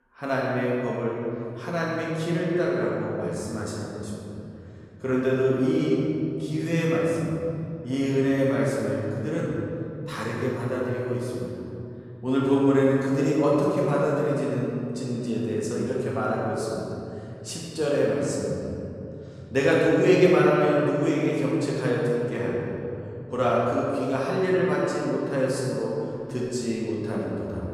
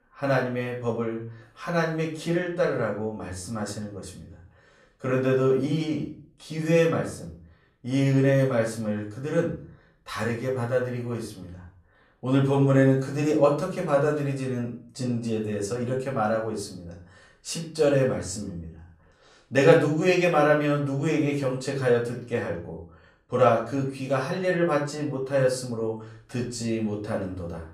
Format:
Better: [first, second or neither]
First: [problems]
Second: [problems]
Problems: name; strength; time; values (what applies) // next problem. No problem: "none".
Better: second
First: room echo; strong; dies away in 3 s // off-mic speech; far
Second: room echo; slight; dies away in 0.4 s // off-mic speech; far